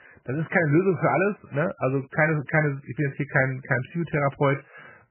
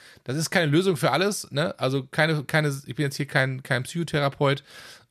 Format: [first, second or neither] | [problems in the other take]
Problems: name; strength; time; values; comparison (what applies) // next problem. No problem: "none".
second | garbled, watery; badly; nothing above 2.5 kHz